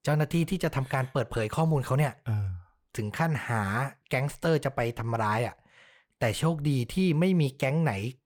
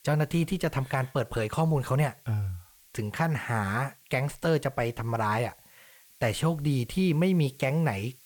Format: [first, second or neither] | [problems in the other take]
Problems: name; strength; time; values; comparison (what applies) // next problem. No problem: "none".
first | hiss; faint; throughout; 25 dB below the speech